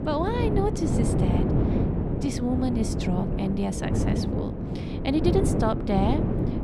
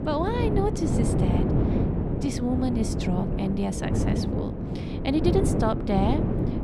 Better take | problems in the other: neither | wind noise on the microphone; heavy; 2 dB below the speech; the same in both

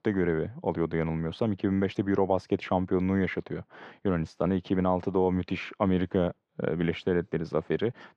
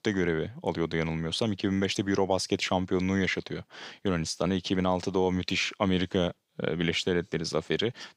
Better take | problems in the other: second | muffled; very; fading above 3 kHz

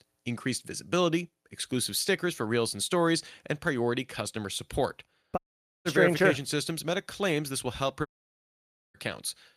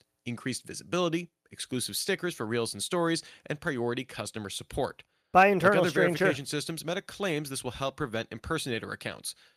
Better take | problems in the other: second | audio cutting out; at 5.5 s and at 8 s for 1 s

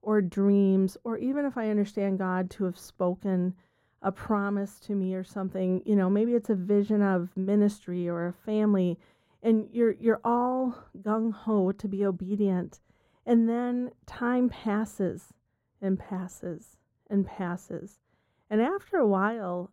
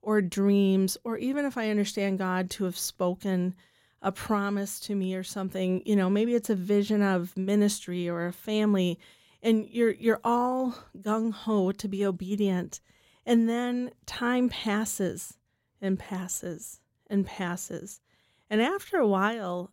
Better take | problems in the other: second | muffled; very; fading above 2 kHz

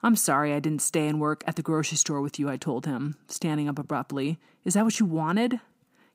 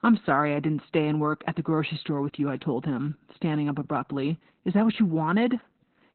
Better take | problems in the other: first | garbled, watery; badly; nothing above 4 kHz

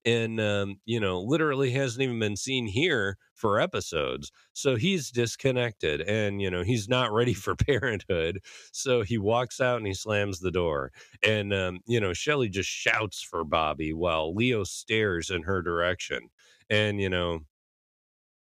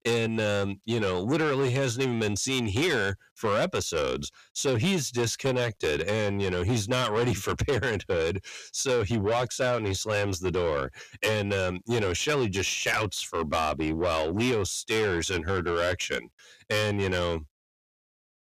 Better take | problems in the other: first | distortion; heavy; 8 dB below the speech

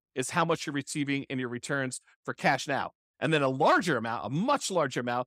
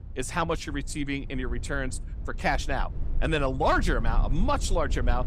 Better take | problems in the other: first | low rumble; faint; throughout; 20 dB below the speech

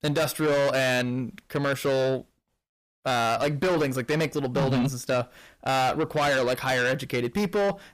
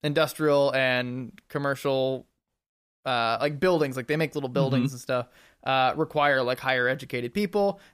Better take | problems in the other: second | distortion; heavy; 7 dB below the speech

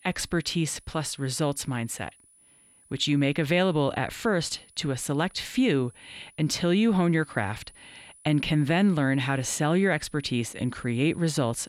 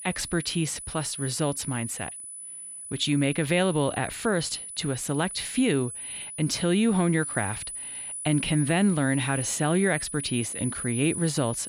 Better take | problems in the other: first | high-pitched whine; loud; throughout; 10 kHz, 8 dB below the speech; faint in the first

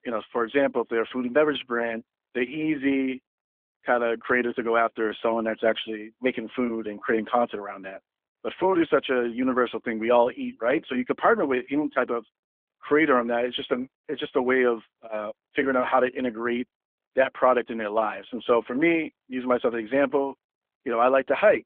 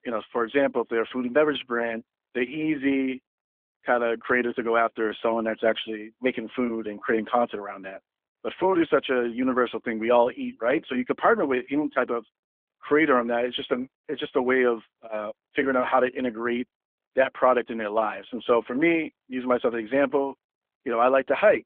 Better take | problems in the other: neither | phone-call audio; nothing above 3.5 kHz; the same in both

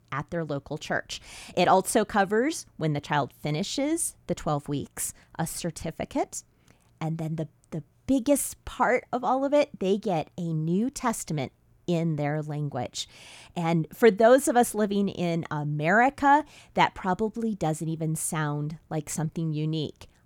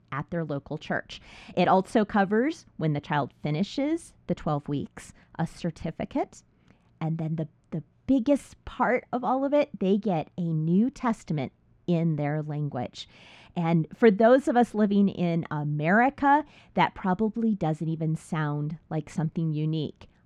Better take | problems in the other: first | muffled; slightly; fading above 3.5 kHz

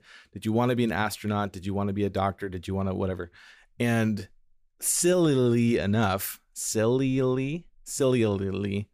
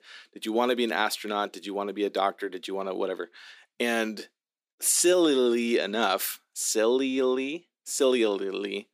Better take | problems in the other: first | thin; somewhat; fading below 250 Hz

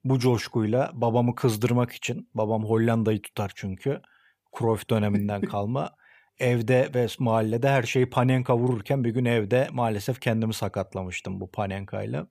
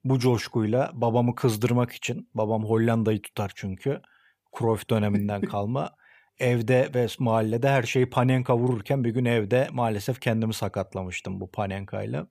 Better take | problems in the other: neither | none

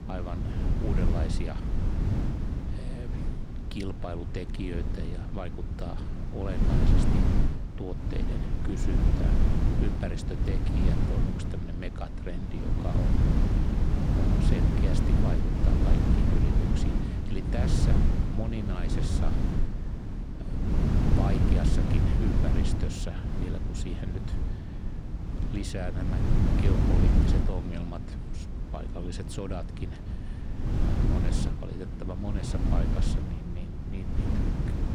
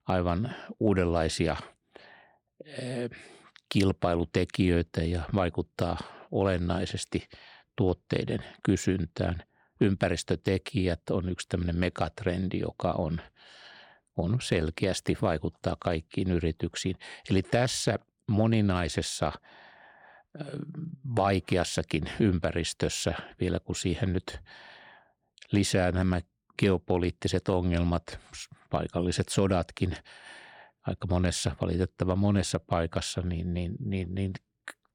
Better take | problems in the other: second | wind noise on the microphone; heavy; 3 dB above the speech

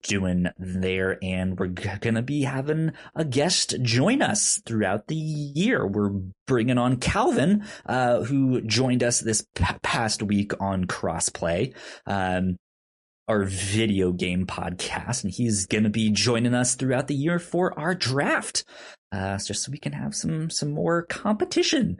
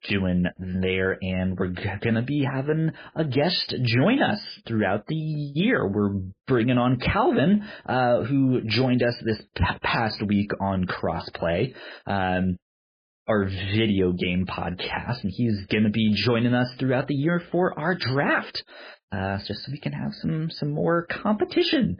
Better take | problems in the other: first | garbled, watery; badly; nothing above 5 kHz; slightly in the first

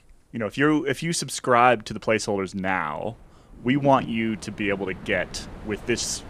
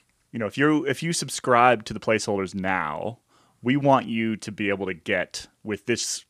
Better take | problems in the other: second | wind in the background; noticeable; throughout; 15 dB below the speech

